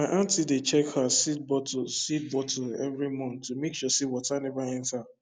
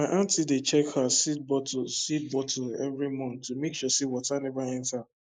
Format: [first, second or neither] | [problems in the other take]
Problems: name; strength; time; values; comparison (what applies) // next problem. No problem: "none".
first | noise reduction (neural mask model Resemble Enhance denoiser)